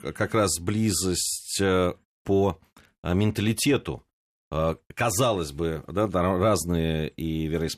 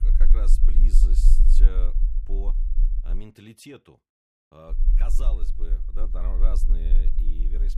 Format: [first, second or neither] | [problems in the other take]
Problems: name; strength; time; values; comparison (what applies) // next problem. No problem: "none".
first | low rumble; loud; until 3 s and from 4.5 s on; 6 dB below the speech